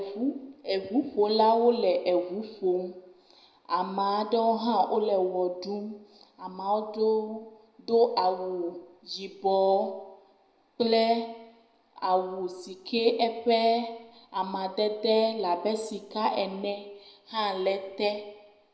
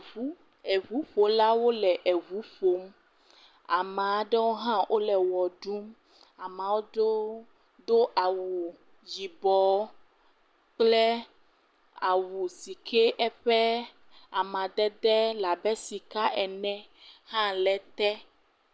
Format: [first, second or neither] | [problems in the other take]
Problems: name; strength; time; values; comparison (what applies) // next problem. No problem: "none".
second | room echo; dies away in 0.8 s